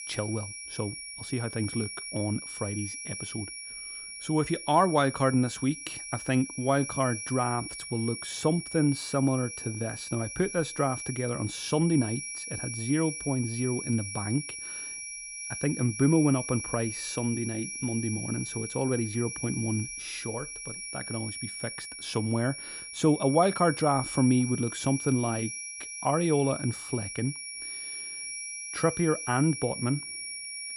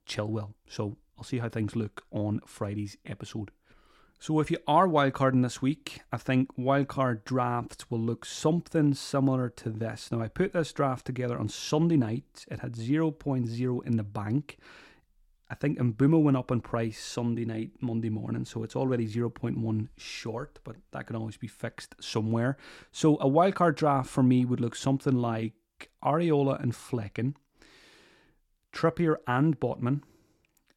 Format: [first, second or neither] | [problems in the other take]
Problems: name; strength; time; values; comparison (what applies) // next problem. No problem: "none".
second | high-pitched whine; loud; throughout; 2.5 kHz, 7 dB below the speech